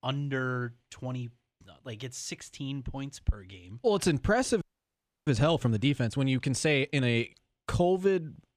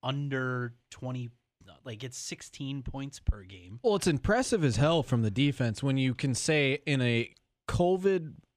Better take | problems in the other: second | audio freezing; at 4.5 s for 0.5 s

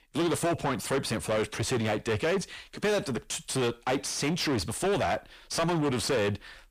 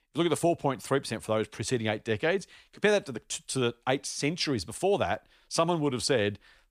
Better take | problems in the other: second | distortion; heavy; 6 dB below the speech

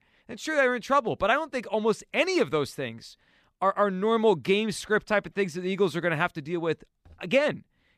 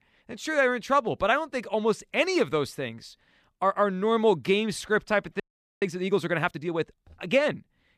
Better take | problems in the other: first | audio freezing; at 5.5 s

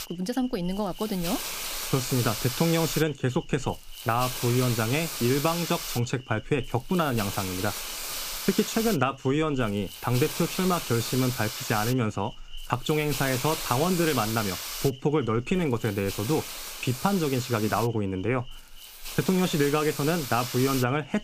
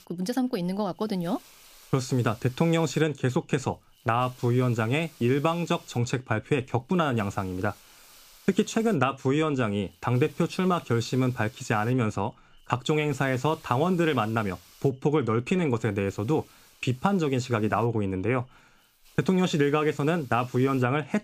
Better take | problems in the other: second | hiss; loud; throughout; 6 dB below the speech; faint in the second

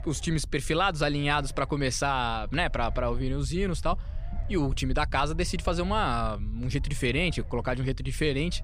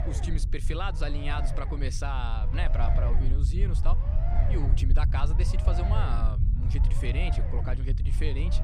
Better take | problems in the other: first | low rumble; loud; throughout; 5 dB below the speech; faint in the first

